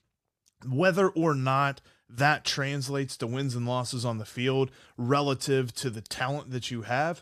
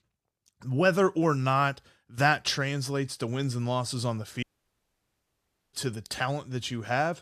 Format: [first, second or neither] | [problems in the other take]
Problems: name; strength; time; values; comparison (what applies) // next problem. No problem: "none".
first | audio cutting out; at 4.5 s for 1.5 s